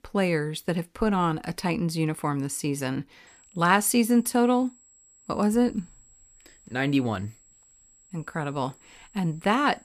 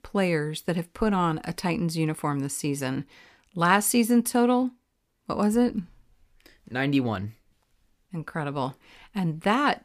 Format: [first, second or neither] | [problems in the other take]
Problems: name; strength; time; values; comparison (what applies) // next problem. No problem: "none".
second | high-pitched whine; faint; from 3.5 s on; 7.5 kHz, 30 dB below the speech